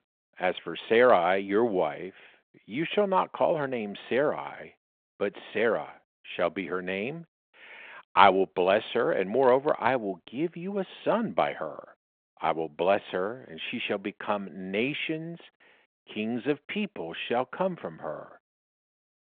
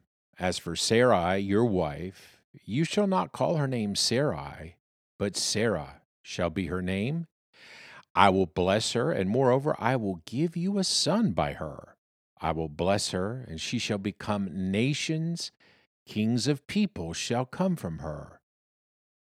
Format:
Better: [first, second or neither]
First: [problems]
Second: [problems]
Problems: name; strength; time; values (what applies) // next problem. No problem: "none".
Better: second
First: phone-call audio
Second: none